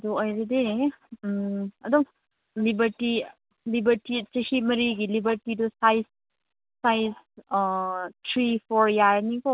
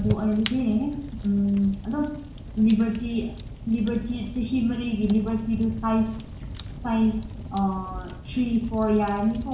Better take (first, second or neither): first